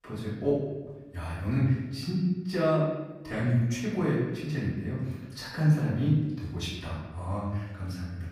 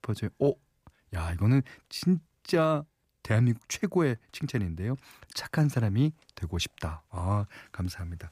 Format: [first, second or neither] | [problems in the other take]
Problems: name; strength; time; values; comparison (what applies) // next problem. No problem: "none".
second | off-mic speech; far // room echo; noticeable; dies away in 1.1 s